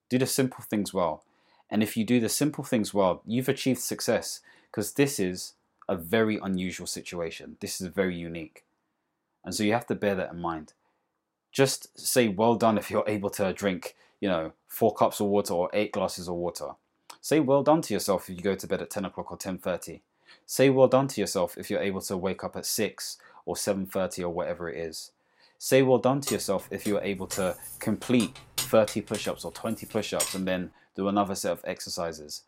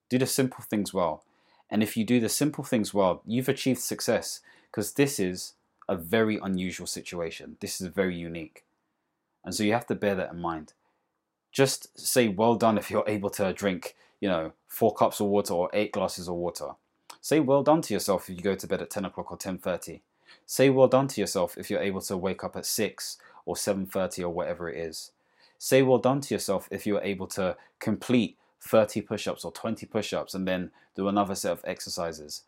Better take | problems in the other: second | jangling keys; noticeable; from 26 to 30 s; peak 3 dB below the speech

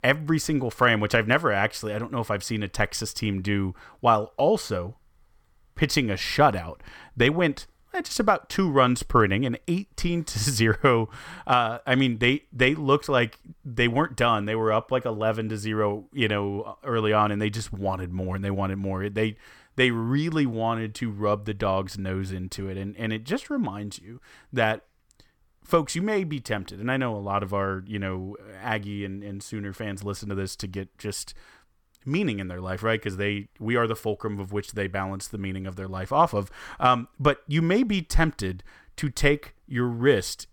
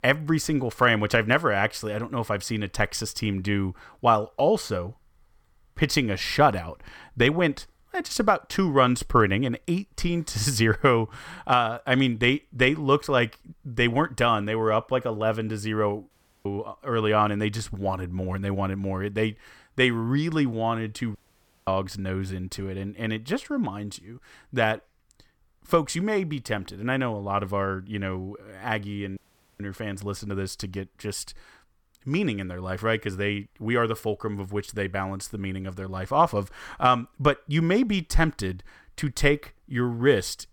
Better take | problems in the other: first | audio cutting out; at 16 s, at 21 s for 0.5 s and at 29 s

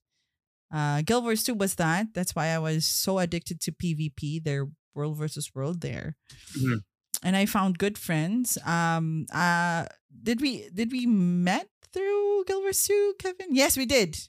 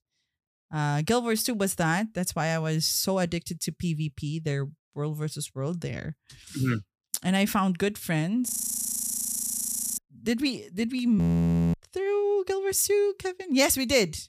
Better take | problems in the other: first | audio freezing; at 8.5 s for 1.5 s and at 11 s for 0.5 s

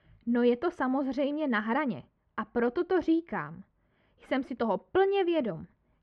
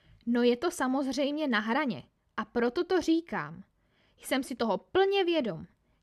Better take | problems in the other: second | muffled; slightly; fading above 2 kHz

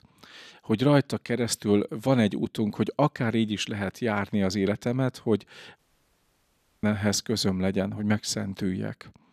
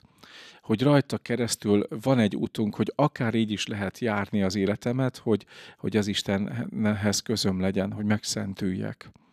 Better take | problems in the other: second | audio cutting out; at 6 s for 1 s

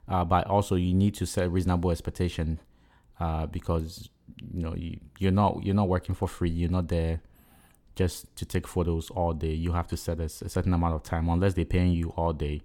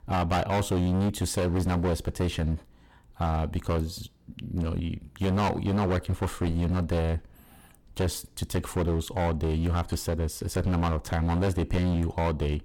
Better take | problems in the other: first | distortion; heavy; 21% of the sound clipped

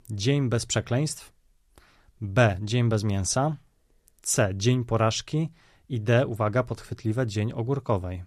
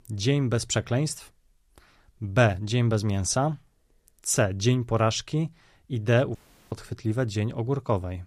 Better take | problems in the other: first | audio cutting out; at 6.5 s

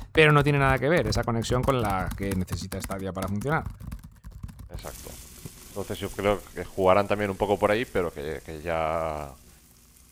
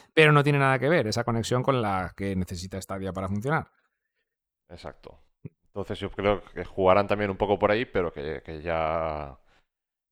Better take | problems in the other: second | household noises; noticeable; throughout; 15 dB below the speech

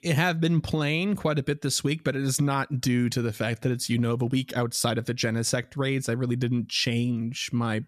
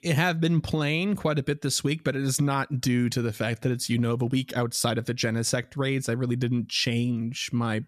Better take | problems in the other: neither | none

